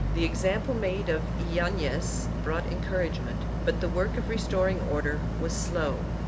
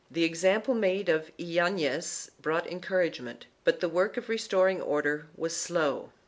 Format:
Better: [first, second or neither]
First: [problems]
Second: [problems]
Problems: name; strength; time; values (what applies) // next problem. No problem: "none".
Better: second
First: background sound (Boat, Water vehicle); 1 dB above the speech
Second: none